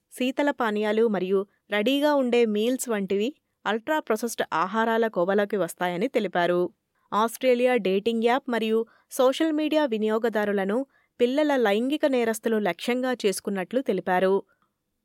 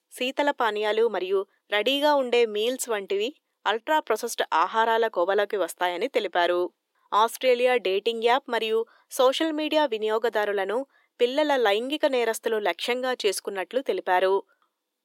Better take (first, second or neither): first